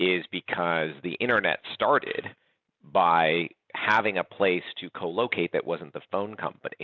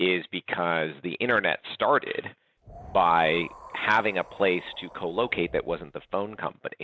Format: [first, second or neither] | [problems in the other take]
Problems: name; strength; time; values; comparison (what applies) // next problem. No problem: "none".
first | background sound (Wind); 20 dB below the speech